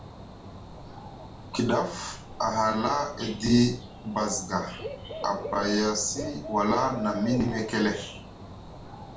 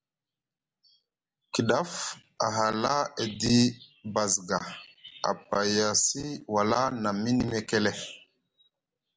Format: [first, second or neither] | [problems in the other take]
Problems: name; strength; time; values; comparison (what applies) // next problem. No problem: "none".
second | background sound (Bird / Dog); 12 dB below the speech // room echo; dies away in 0.3 s